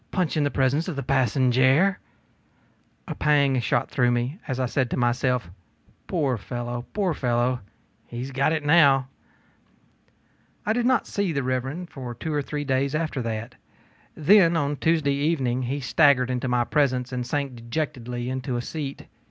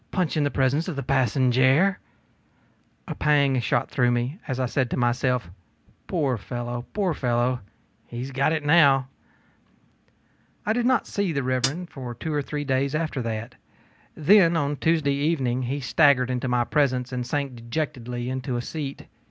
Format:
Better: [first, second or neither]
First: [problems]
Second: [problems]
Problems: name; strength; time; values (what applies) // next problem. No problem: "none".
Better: first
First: none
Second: background sound (Hi-hat); 11 dB below the speech